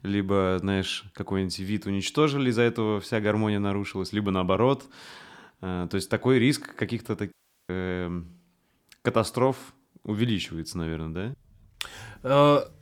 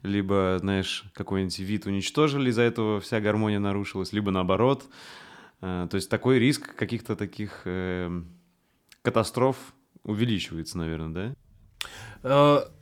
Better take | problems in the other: second | audio cutting out; at 7.5 s

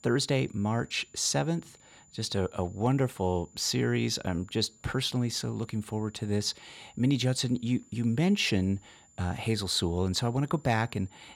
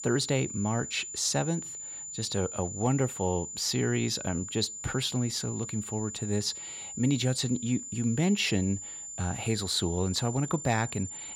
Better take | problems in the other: first | high-pitched whine; loud; throughout; 7 kHz, 8 dB below the speech; faint in the first

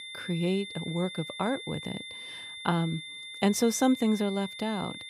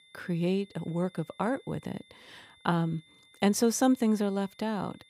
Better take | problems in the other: second | high-pitched whine; loud; throughout; 3.5 kHz, 10 dB below the speech; faint in the second

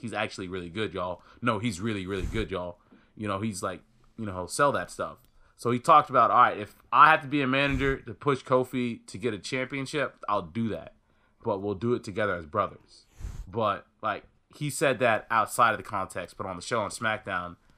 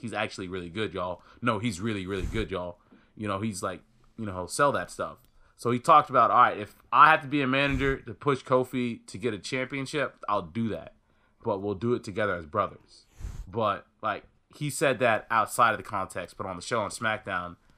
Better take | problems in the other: neither | hiss; noticeable; throughout; 20 dB below the speech; the same in both

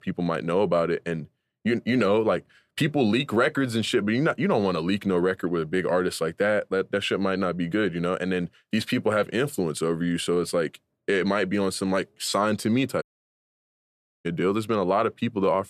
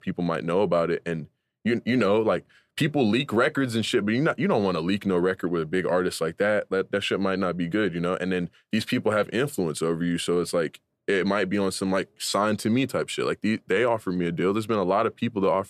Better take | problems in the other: second | audio cutting out; at 13 s for 1 s

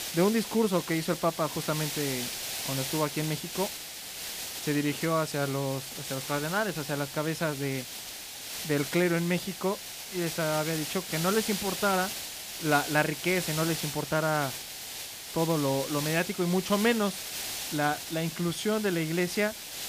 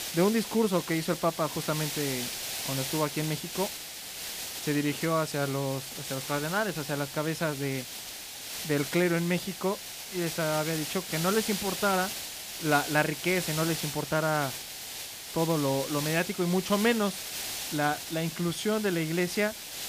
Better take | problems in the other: neither | hiss; loud; throughout; 5 dB below the speech; the same in both

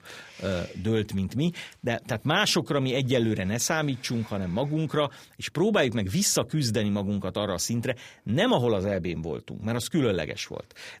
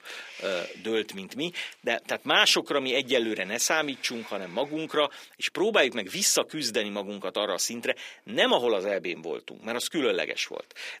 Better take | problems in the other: first | thin; somewhat; fading below 300 Hz

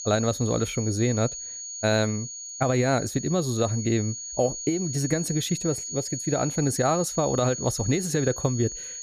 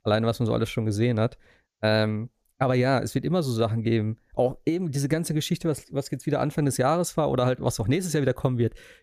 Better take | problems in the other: second | high-pitched whine; loud; throughout; 6.5 kHz, 7 dB below the speech

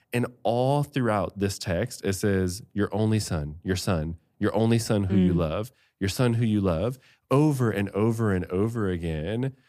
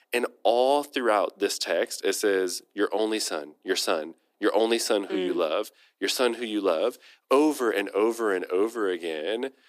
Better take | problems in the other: first | thin; very; fading below 300 Hz

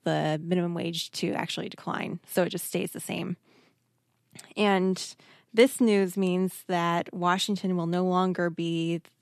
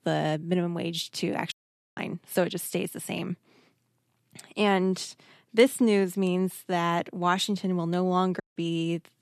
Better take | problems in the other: first | audio cutting out; at 1.5 s and at 8.5 s

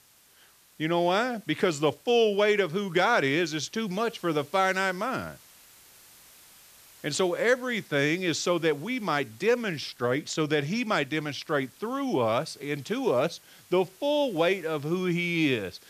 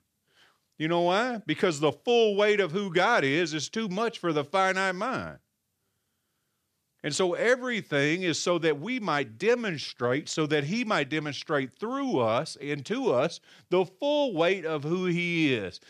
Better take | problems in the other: second | hiss; faint; throughout; 25 dB below the speech

